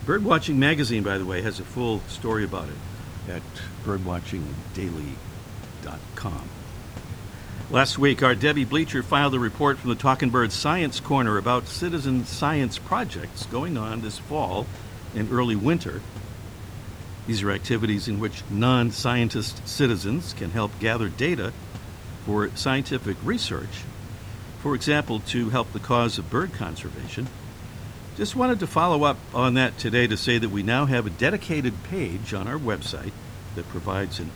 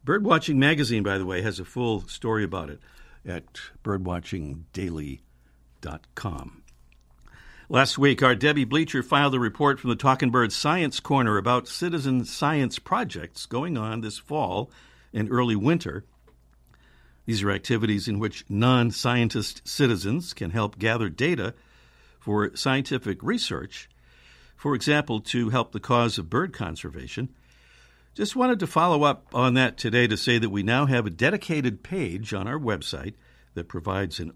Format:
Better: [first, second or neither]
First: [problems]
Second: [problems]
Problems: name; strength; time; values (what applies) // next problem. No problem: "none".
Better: second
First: hiss; noticeable; throughout; 15 dB below the speech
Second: none